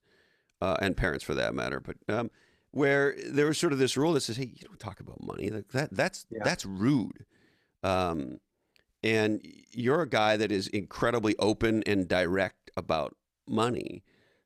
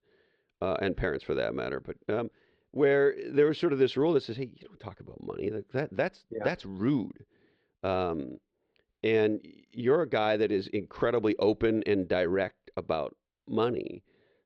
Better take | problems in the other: first | muffled; slightly; fading above 3.5 kHz

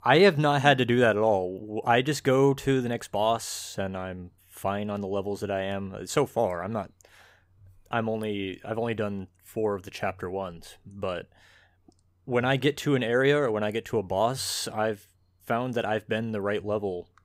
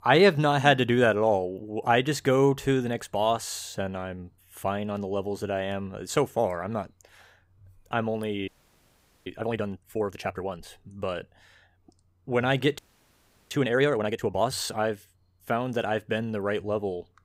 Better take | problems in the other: first | audio freezing; at 8.5 s for 1 s and at 13 s for 0.5 s

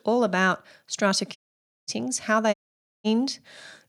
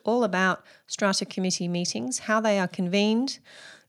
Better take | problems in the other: second | audio cutting out; at 1.5 s for 0.5 s and at 2.5 s for 0.5 s

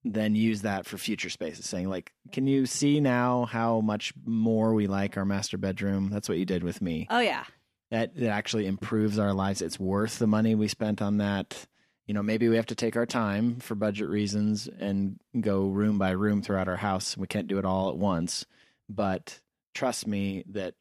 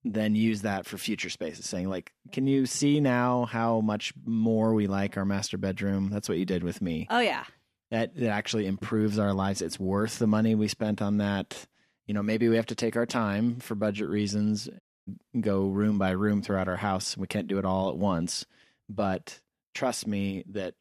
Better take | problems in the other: first | audio cutting out; at 15 s

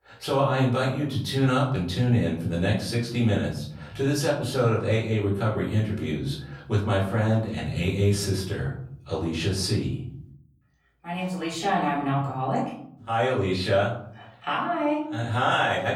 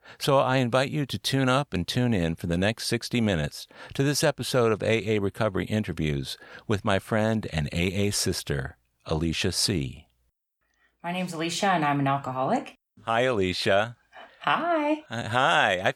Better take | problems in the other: second | off-mic speech; far // room echo; slight; dies away in 0.7 s

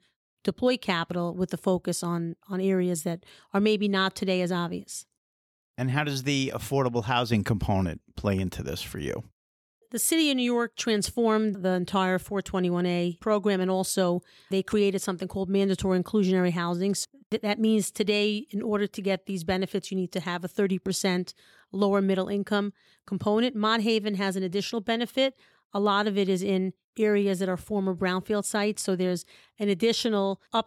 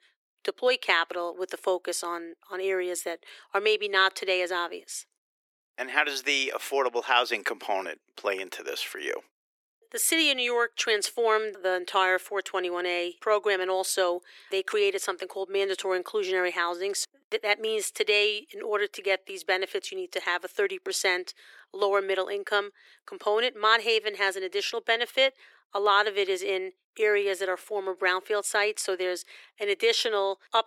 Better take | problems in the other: first | thin; very; fading below 350 Hz

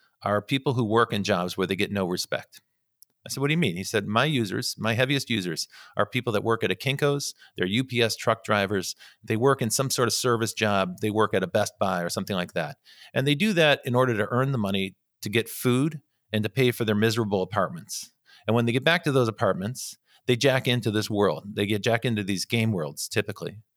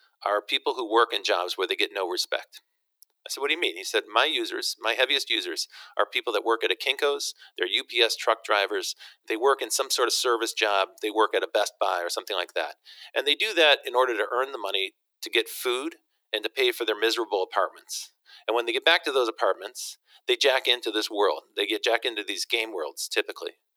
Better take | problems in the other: first | thin; very; fading below 350 Hz

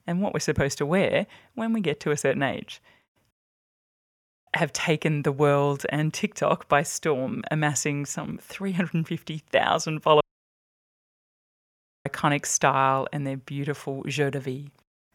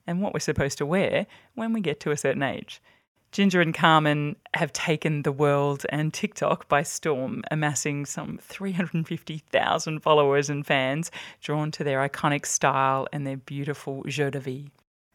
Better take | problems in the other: second | audio cutting out; at 3.5 s for 1 s and at 10 s for 2 s

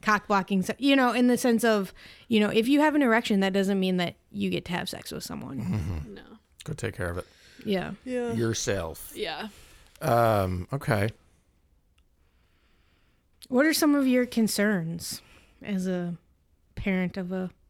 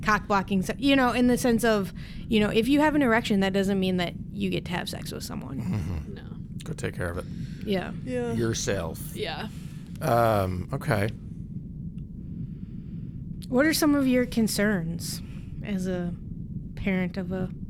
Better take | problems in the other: first | low rumble; faint; throughout; 20 dB below the speech

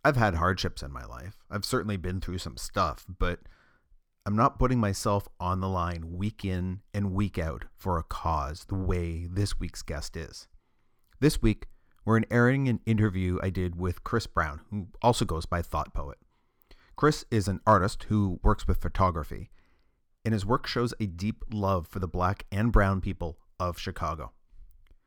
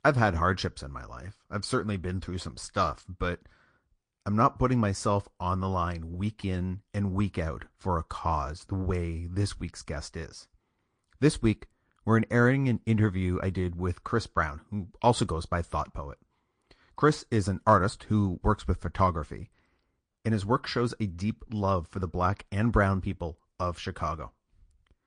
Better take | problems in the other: first | garbled, watery; slightly; nothing above 9.5 kHz

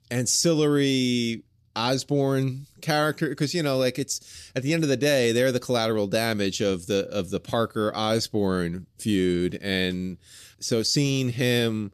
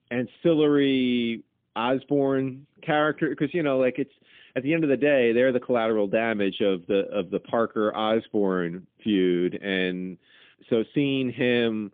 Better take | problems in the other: first | phone-call audio; poor line; nothing above 3.5 kHz

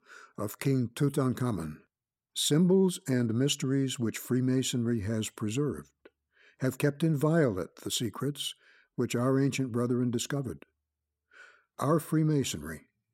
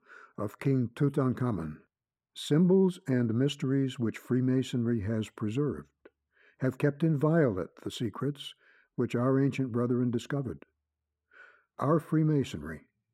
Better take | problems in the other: first | muffled; slightly; fading above 3.5 kHz

